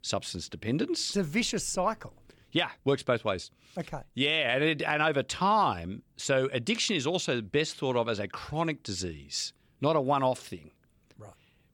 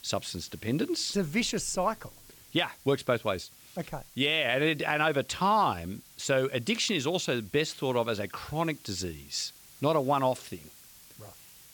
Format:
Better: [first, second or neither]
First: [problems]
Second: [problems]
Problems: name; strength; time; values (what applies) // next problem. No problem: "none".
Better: first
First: none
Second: hiss; faint; throughout; 20 dB below the speech